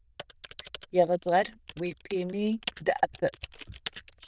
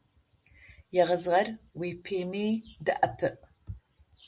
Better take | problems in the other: second | noise reduction (neural diffusion model UNIVERSE++)

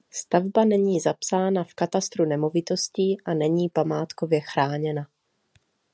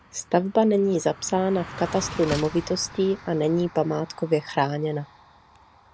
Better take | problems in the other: first | background sound (Car passing by + Slam); 16 dB below the speech

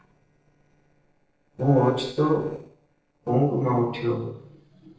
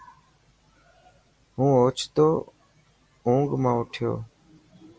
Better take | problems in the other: second | noise reduction (neural separator model SepFormer DNS4)

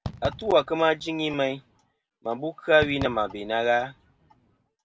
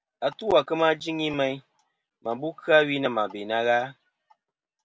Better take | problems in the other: second | background sound (Fireworks); 14 dB below the speech

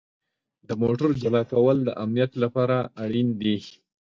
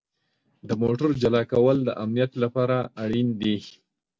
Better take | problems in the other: second | noise reduction (neural mask model DeepFilterNet 3)

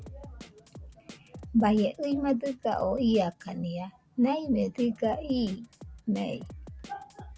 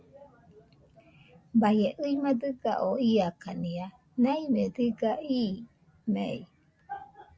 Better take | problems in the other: second | background sound (Drum kit); 17 dB below the speech

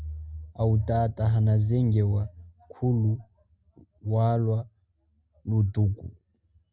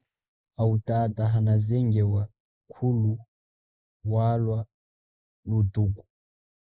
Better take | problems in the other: first | noise reduction (neural mask model Resemble Enhance denoiser)

